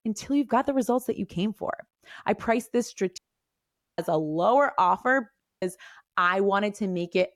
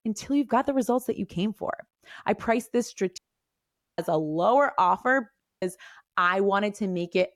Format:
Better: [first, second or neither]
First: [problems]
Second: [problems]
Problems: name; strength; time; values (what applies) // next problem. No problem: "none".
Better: neither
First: audio cutting out; at 3 s for 1 s and at 5.5 s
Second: audio cutting out; at 3 s for 1 s and at 5.5 s